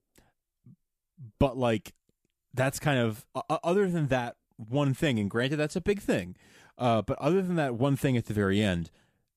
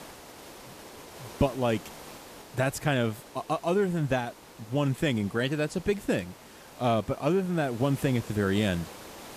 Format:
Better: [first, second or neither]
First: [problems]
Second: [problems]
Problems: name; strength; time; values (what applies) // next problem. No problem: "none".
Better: first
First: none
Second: hiss; noticeable; throughout; 20 dB below the speech